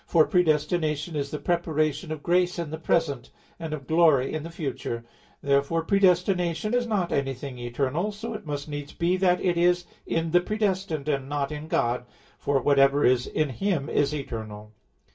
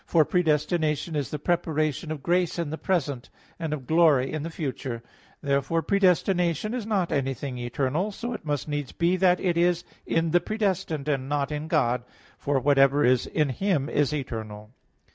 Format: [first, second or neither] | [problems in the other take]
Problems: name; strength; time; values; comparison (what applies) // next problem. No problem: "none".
second | background sound (Cowbell); 9 dB below the speech // room echo; dies away in 0.2 s